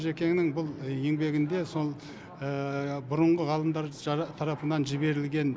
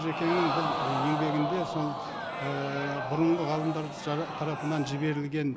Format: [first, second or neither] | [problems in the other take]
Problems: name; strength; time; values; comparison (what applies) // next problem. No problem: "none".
first | background sound (Crowd); 3 dB below the speech